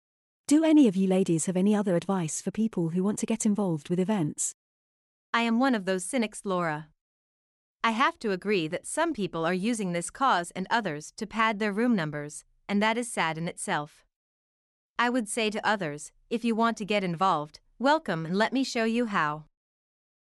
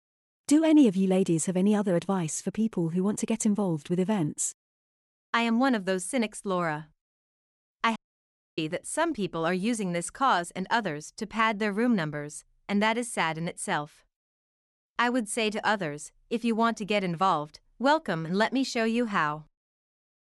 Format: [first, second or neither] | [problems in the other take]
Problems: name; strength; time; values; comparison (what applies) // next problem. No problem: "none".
first | audio cutting out; at 8 s for 0.5 s